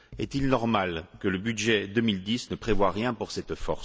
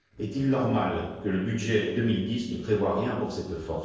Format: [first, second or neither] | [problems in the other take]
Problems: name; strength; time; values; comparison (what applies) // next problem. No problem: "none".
first | noise reduction (neural separator model SepFormer DNS4)